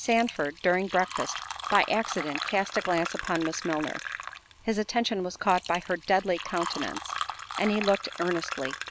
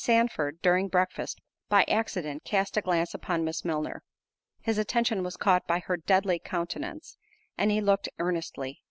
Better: second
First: background sound (Fill (with liquid)); 8 dB below the speech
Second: none

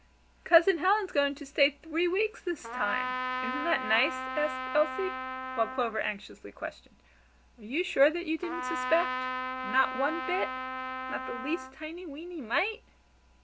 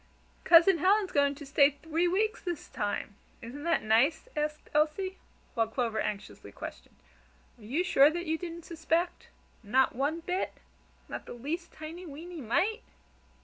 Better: second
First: background sound (Trumpet); 5 dB below the speech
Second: none

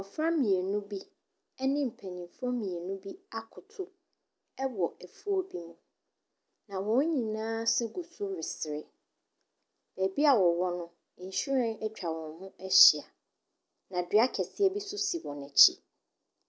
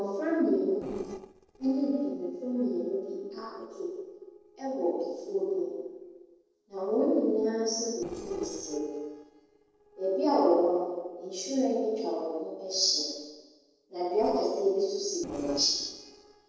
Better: first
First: none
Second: noise reduction (neural separator model SepFormer DNS4)

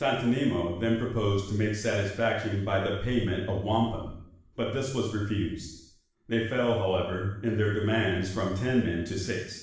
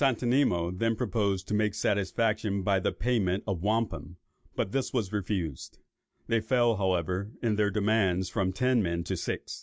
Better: second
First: room echo; dies away in 0.7 s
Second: none

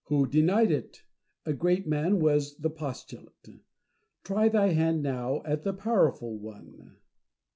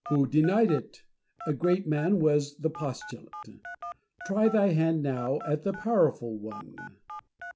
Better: first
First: none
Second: background sound (Telephone); 16 dB below the speech

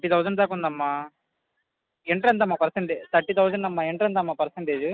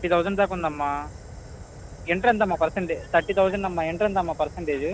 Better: first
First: none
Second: background sound (Fire); 15 dB below the speech

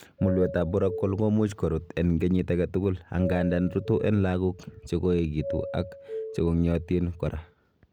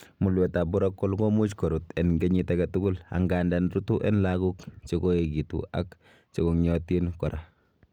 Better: second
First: background sound (Doorbell); 12 dB below the speech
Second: none

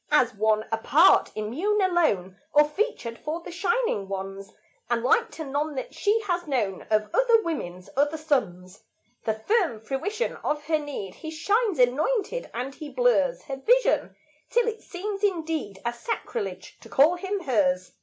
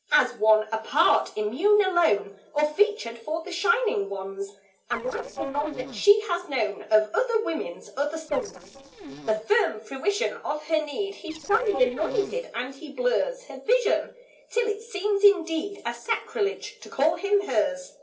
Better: first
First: none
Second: noise reduction (neural separator model SepFormer DNS4)

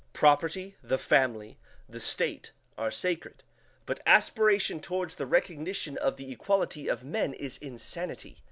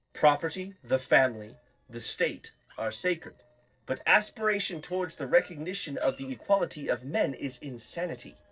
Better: first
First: none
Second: noise reduction (neural separator model SepFormer DNS4)

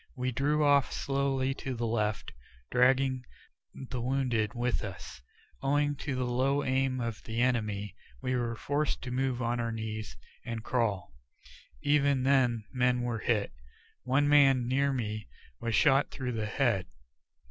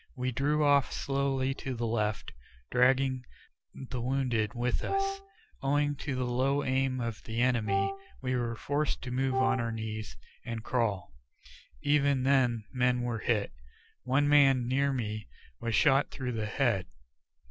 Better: first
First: none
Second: background sound (Wind instrument, woodwind instrument); 4 dB below the speech

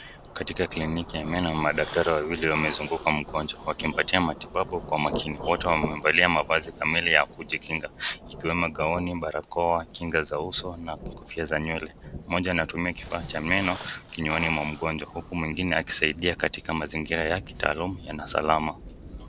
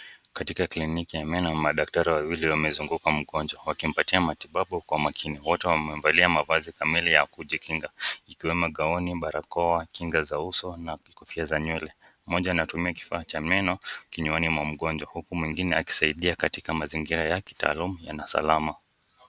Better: second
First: background sound (Squeak + Rain / Thunderstorm); 13 dB below the speech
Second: none

